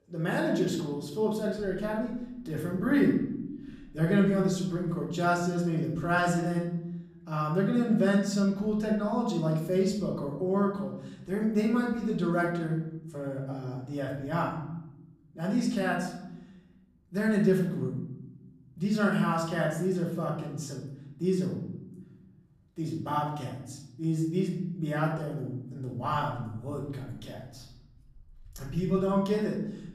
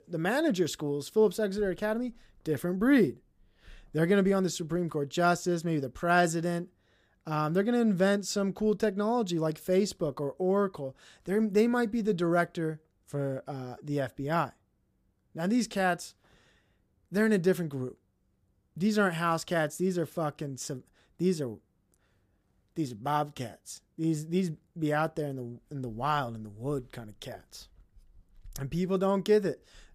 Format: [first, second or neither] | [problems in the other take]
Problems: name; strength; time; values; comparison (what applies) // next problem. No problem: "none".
second | off-mic speech; far // room echo; noticeable; dies away in 1.2 s